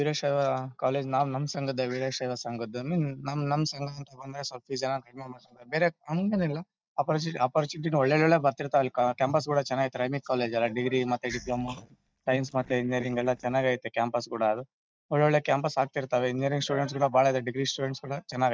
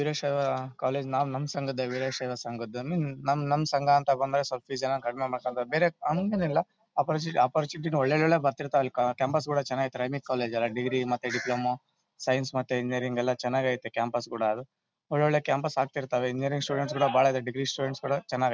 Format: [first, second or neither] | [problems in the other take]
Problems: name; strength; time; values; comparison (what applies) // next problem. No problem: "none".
second | noise reduction (neural mask model DeepFilterNet 3)